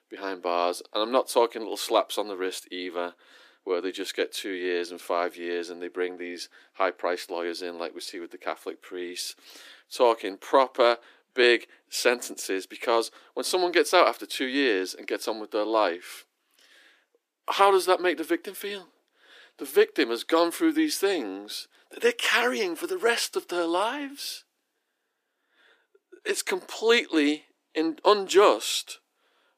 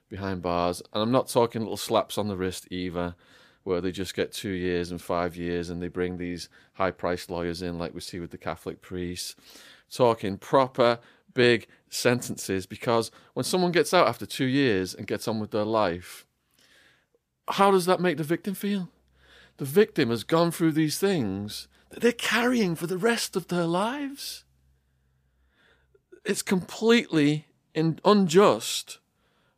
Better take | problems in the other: second | thin; somewhat; fading below 300 Hz

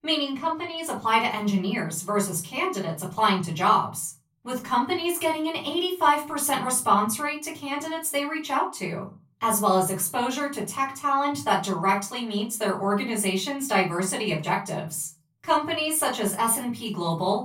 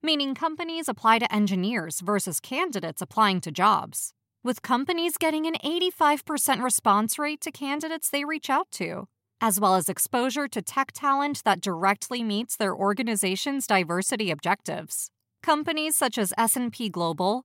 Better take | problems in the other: second | off-mic speech; far // room echo; very slight; dies away in 0.3 s

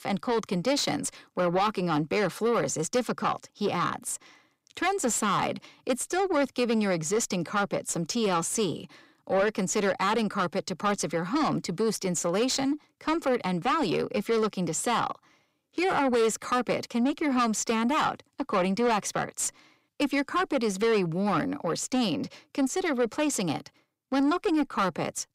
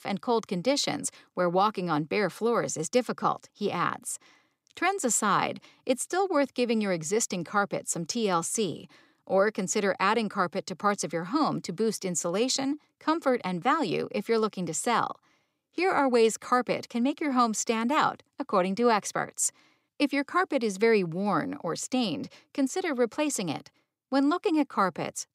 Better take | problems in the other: second | distortion; slight; 10 dB below the speech

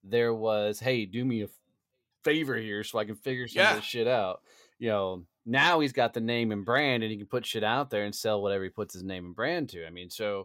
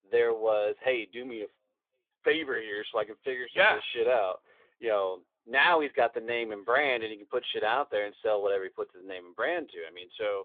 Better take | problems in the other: first | phone-call audio; nothing above 3.5 kHz

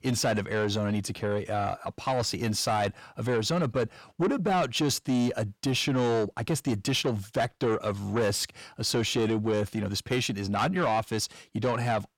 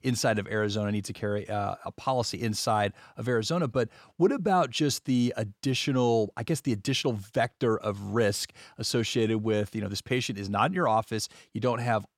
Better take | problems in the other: second | distortion; slight; 10 dB below the speech

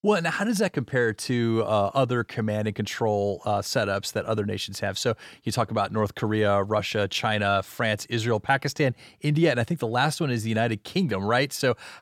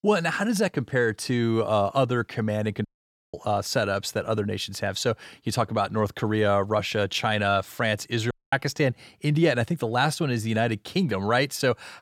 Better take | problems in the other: first | audio cutting out; at 3 s and at 8.5 s

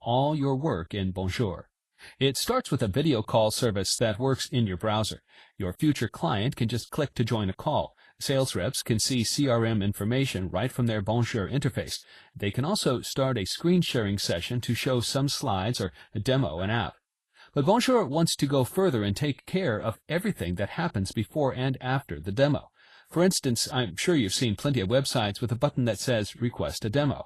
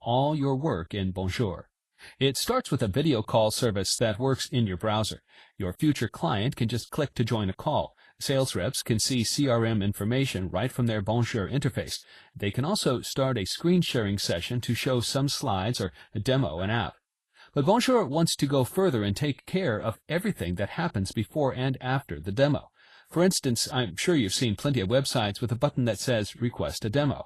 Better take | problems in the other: neither | garbled, watery; slightly; nothing above 12.5 kHz; the same in both

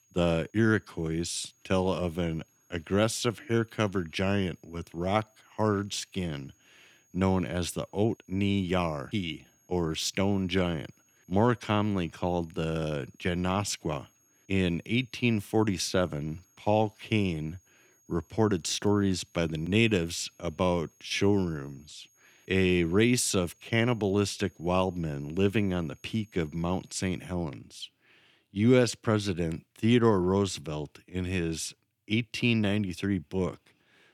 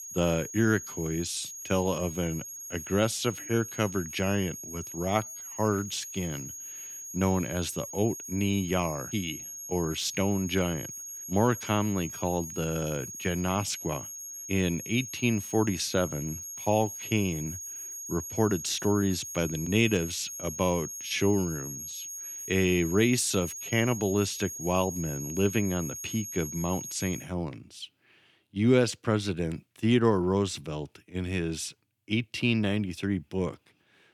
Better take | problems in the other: first | high-pitched whine; loud; until 27 s; 6.5 kHz, 8 dB below the speech; faint in the first

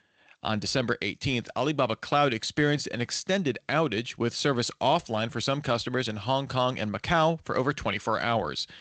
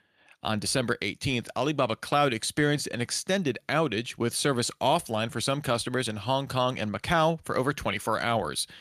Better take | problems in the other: second | garbled, watery; slightly; nothing above 8 kHz

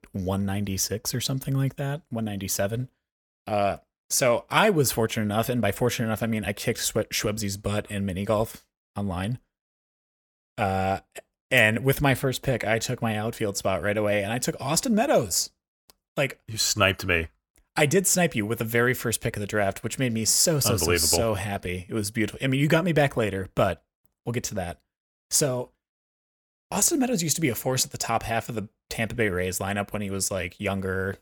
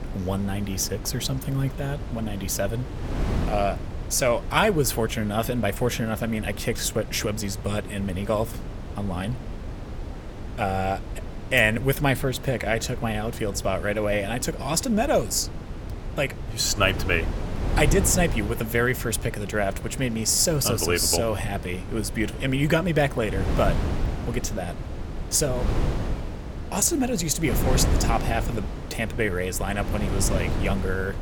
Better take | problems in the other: first | wind noise on the microphone; occasional gusts; 10 dB below the speech

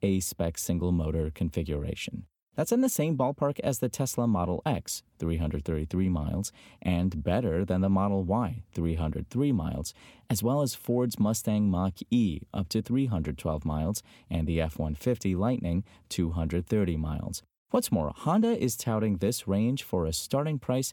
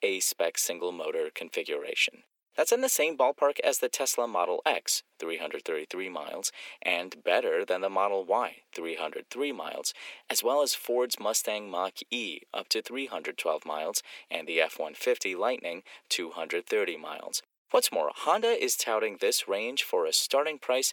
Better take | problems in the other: first | thin; very; fading below 400 Hz

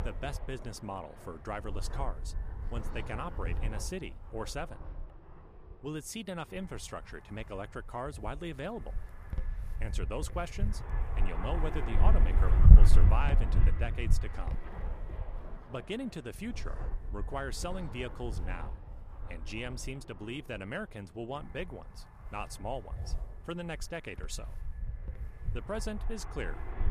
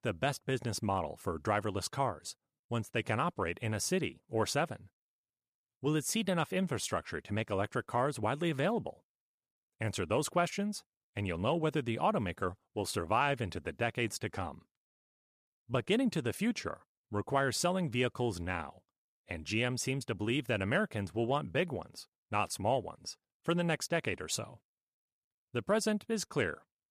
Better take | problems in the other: second | wind noise on the microphone; heavy; 7 dB below the speech

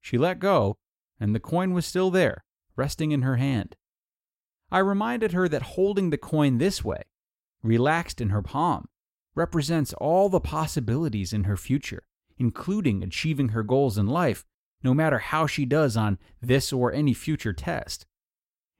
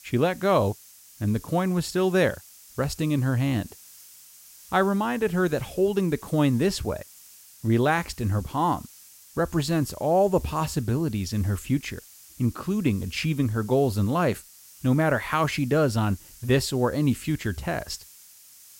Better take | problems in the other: first | hiss; faint; throughout; 20 dB below the speech

